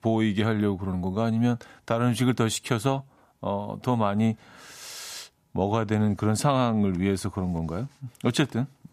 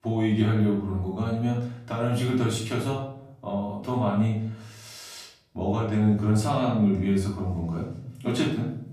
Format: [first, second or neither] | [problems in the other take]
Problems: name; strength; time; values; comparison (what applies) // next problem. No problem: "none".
first | off-mic speech; far // room echo; noticeable; dies away in 0.6 s